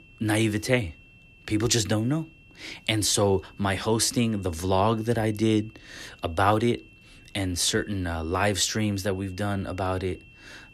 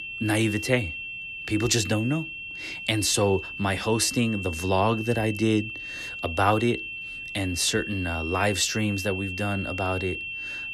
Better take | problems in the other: first | high-pitched whine; loud; throughout; 2.5 kHz, 7 dB below the speech; faint in the first

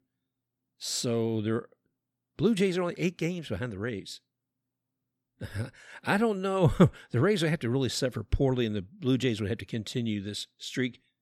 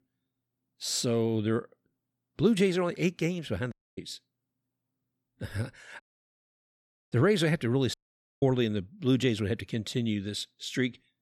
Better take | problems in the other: first | audio cutting out; at 3.5 s, at 6 s for 1 s and at 8 s

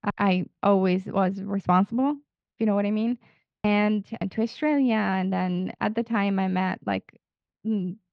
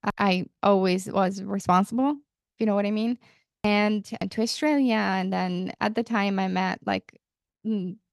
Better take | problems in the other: second | muffled; slightly; fading above 3 kHz

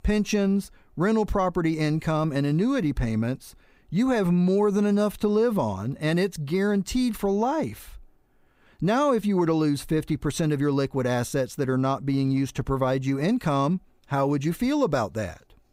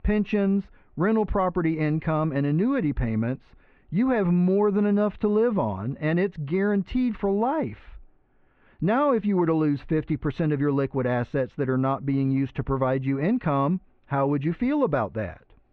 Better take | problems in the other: first | muffled; very; fading above 2.5 kHz

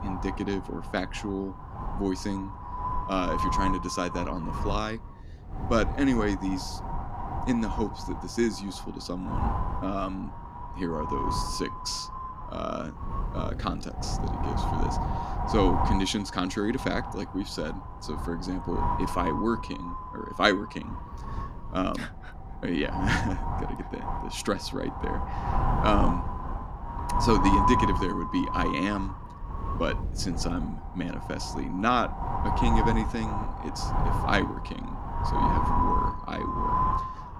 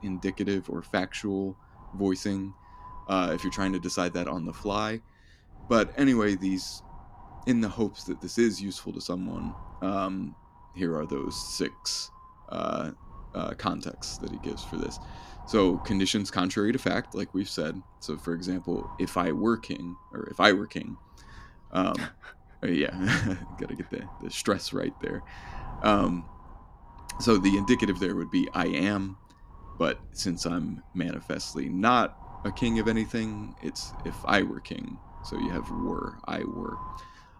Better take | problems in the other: second | wind noise on the microphone; heavy; as loud as the speech; occasional gusts in the second

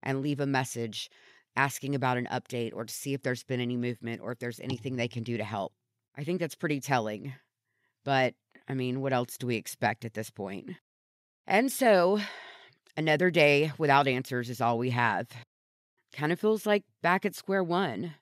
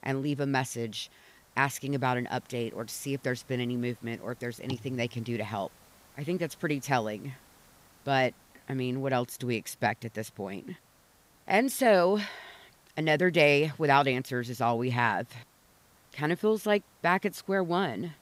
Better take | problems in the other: first | hiss; faint; throughout; 30 dB below the speech

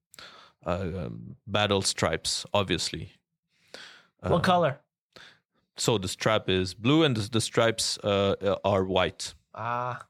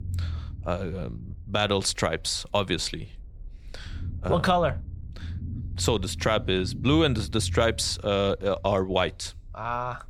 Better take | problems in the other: first | low rumble; faint; throughout; 25 dB below the speech

